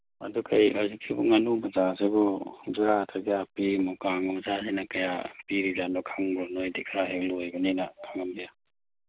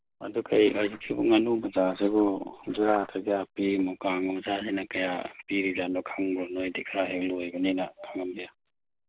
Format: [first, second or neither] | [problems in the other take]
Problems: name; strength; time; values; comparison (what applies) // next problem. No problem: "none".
first | noise reduction (neural separator model SepFormer DNS4)